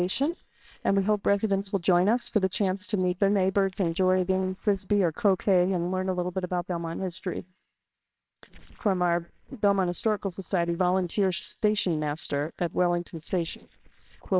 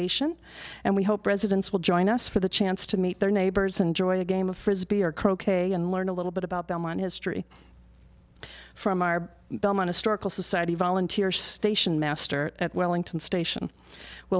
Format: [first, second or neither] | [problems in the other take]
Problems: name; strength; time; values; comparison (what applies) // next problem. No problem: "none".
second | noise reduction (neural separator model SepFormer WHAMR!)